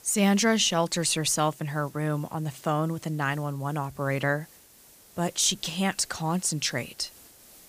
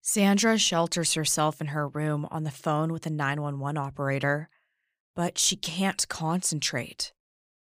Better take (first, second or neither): second